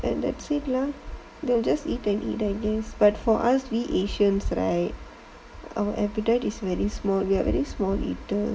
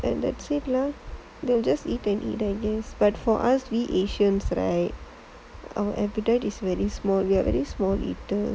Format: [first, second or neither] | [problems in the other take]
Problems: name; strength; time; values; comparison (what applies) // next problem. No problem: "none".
second | room echo; dies away in 0.5 s